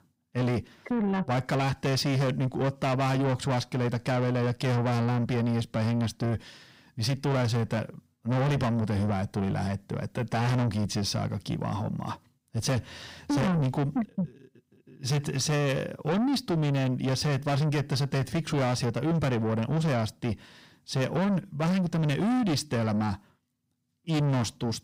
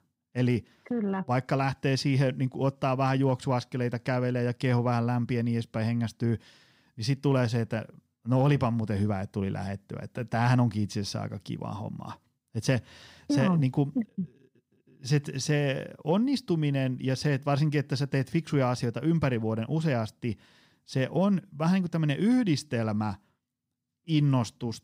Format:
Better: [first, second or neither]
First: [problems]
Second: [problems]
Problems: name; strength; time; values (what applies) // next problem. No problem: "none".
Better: second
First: distortion; heavy; 7 dB below the speech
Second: none